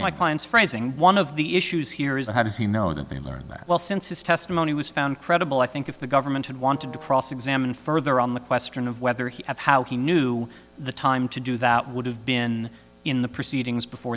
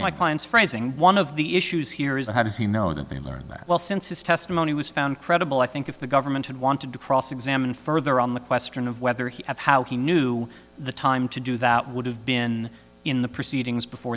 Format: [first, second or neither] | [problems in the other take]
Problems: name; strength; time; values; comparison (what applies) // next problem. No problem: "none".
second | background sound (Brass instrument); 19 dB below the speech